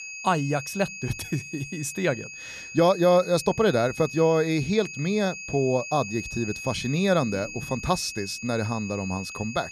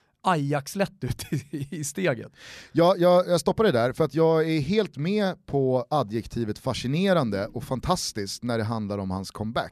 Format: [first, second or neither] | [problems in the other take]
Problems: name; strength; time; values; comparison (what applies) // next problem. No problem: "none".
second | high-pitched whine; noticeable; throughout; 2.5 kHz, 10 dB below the speech